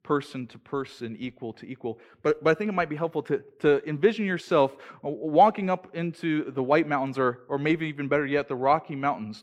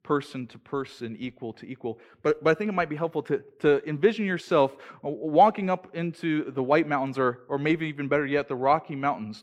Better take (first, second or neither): neither